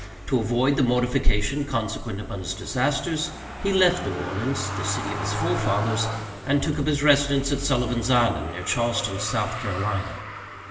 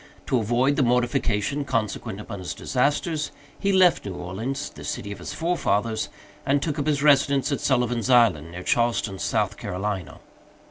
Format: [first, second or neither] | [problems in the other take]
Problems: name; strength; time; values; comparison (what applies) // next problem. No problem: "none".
second | background sound (Motor vehicle (road)); 8 dB below the speech // room echo; dies away in 1.5 s